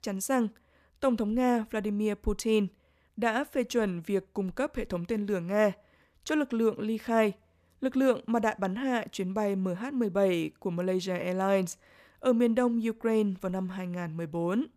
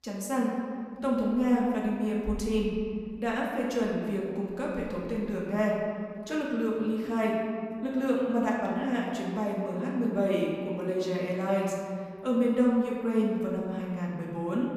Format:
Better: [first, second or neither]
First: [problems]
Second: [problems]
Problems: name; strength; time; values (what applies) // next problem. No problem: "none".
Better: first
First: none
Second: off-mic speech; far // room echo; noticeable; dies away in 1.9 s